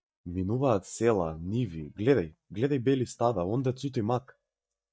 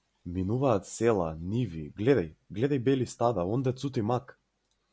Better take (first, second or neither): second